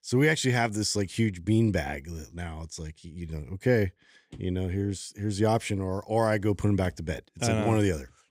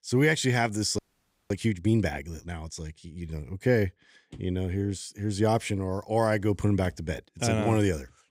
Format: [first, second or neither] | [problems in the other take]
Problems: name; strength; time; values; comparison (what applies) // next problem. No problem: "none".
first | audio freezing; at 1 s for 0.5 s